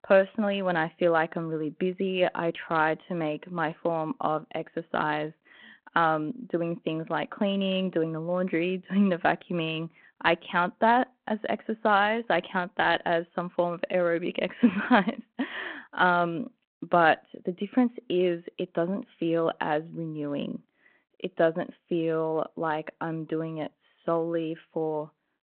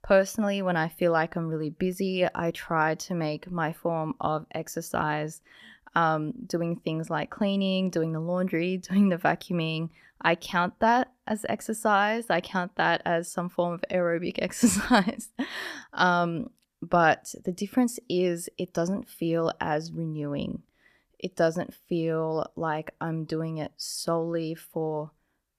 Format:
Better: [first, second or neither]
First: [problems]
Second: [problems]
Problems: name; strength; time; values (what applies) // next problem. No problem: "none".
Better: second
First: phone-call audio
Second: none